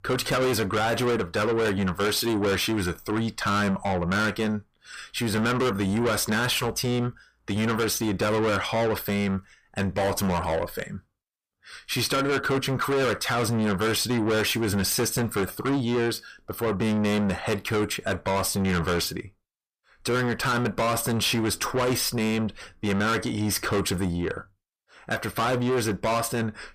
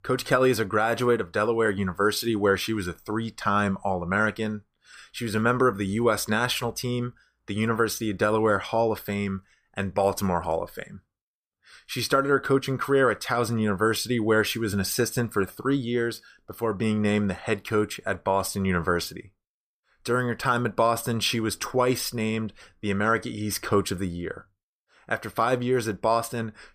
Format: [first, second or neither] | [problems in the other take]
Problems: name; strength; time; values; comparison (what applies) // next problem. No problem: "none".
second | distortion; heavy; 6 dB below the speech